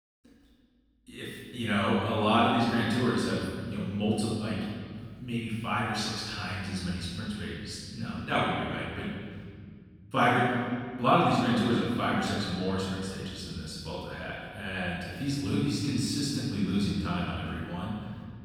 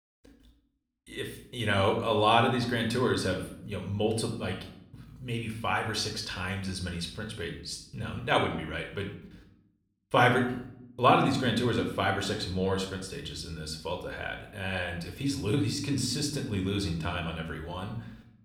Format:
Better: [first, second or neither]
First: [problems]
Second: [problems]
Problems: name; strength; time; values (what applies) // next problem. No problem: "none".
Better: second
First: room echo; strong; dies away in 2.1 s // off-mic speech; far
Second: room echo; slight; dies away in 0.6 s